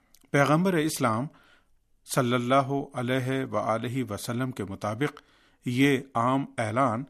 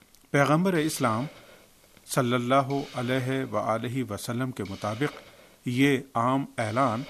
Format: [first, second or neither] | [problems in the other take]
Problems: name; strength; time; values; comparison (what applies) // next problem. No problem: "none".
first | hiss; faint; throughout; 20 dB below the speech